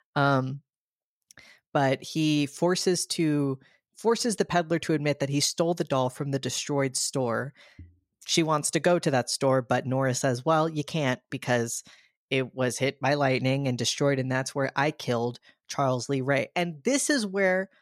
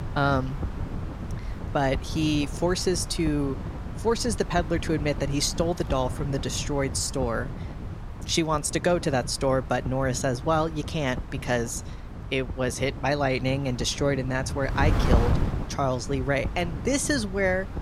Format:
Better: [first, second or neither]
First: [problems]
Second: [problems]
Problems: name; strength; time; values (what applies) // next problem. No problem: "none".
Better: first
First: none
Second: wind noise on the microphone; occasional gusts; 15 dB below the speech